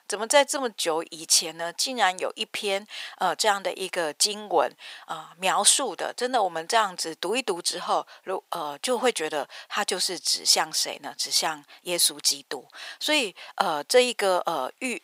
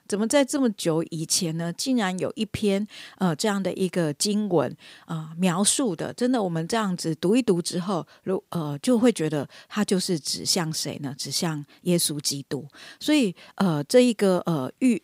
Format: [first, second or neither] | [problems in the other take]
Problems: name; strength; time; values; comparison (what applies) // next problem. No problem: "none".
second | thin; very; fading below 700 Hz